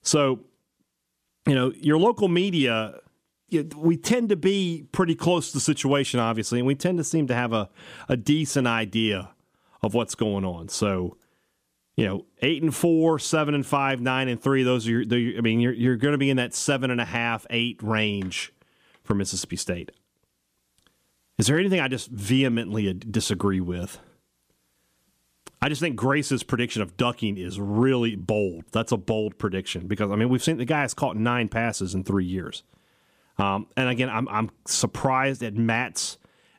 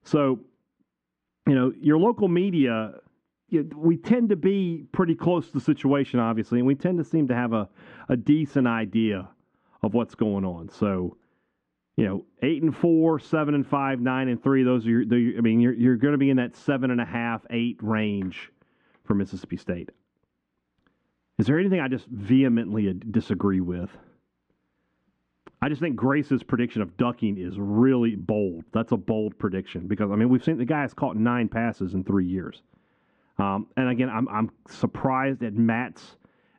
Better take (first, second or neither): first